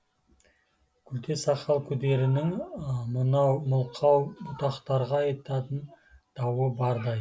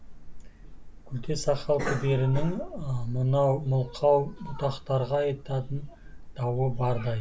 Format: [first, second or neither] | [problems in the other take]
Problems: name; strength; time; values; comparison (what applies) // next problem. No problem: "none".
first | background sound (Cough); 7 dB below the speech